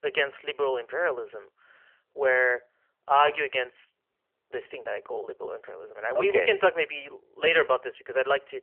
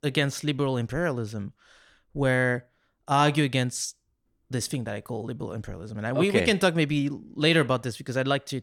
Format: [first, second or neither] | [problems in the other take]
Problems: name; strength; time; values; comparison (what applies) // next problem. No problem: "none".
second | phone-call audio; nothing above 3 kHz